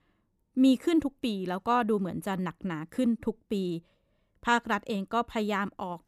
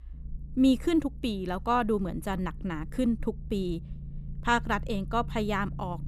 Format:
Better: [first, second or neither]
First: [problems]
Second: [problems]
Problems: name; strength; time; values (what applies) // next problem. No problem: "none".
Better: first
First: none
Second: low rumble; faint; throughout; 25 dB below the speech